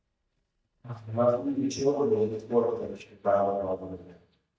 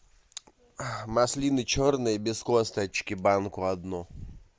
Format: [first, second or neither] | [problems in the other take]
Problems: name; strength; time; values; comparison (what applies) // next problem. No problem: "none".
second | noise reduction (neural mask model DeepFilterNet 3)